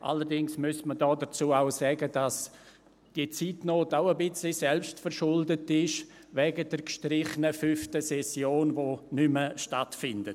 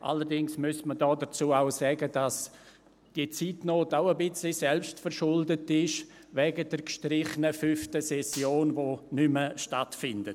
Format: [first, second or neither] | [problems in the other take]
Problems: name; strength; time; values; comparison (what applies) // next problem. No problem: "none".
first | background sound (Gunshot, gunfire); 17 dB below the speech